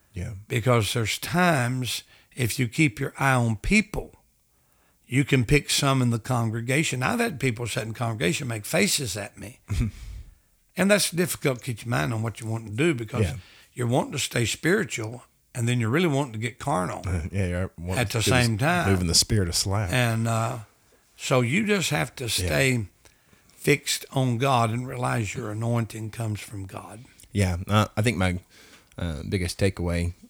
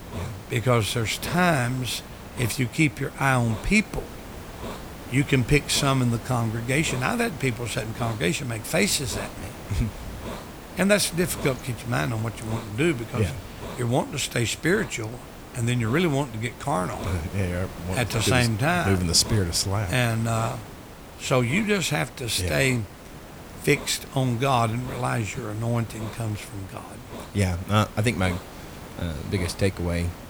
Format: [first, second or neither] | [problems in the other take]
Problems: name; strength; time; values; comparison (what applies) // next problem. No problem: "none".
first | hiss; noticeable; throughout; 15 dB below the speech